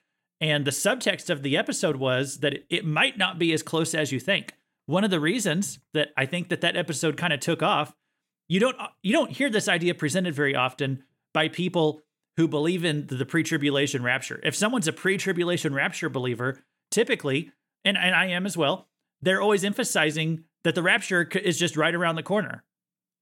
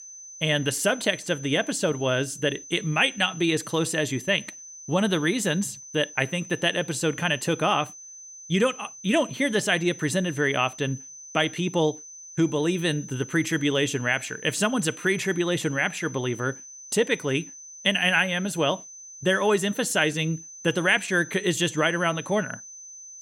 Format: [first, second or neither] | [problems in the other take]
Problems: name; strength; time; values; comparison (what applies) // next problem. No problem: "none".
first | high-pitched whine; noticeable; throughout; 6 kHz, 15 dB below the speech